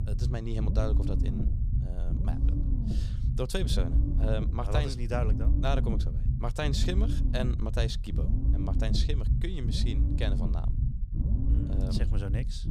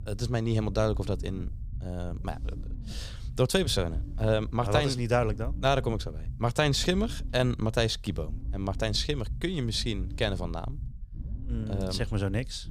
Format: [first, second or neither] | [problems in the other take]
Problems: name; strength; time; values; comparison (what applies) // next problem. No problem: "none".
second | low rumble; loud; throughout; 6 dB below the speech; faint in the second